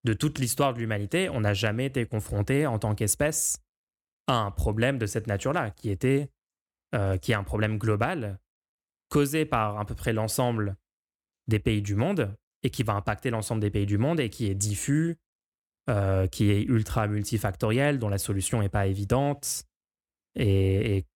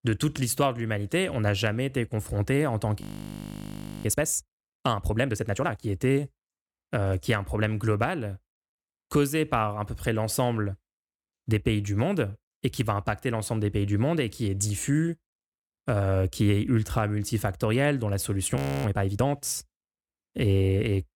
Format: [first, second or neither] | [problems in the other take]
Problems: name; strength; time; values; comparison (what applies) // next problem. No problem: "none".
first | audio freezing; at 3 s for 1 s and at 19 s